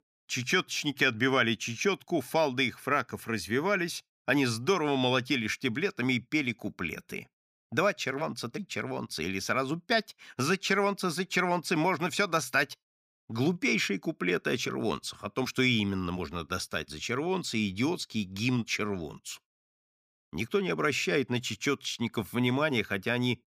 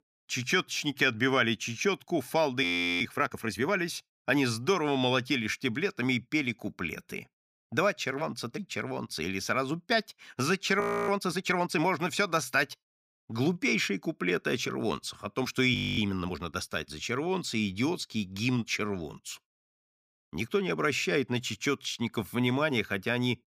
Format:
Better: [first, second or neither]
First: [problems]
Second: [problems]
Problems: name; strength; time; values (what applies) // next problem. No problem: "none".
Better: first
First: none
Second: audio freezing; at 2.5 s, at 11 s and at 16 s